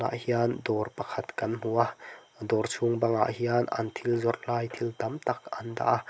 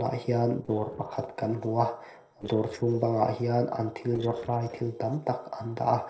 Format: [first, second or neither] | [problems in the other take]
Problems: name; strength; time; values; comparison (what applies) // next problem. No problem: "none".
first | noise reduction (neural separator model SepFormer DNS4)